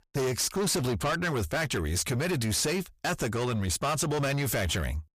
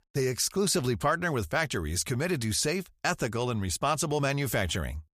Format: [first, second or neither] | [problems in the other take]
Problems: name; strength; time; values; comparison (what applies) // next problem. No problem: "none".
second | distortion; heavy; 7 dB below the speech